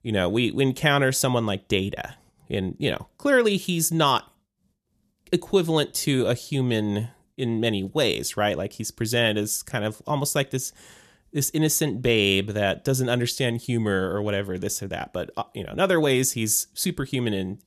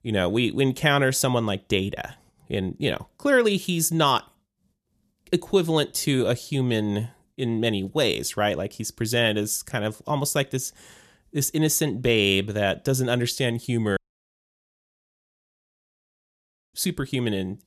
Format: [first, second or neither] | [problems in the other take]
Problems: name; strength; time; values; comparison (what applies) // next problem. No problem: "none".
first | audio cutting out; at 14 s for 3 s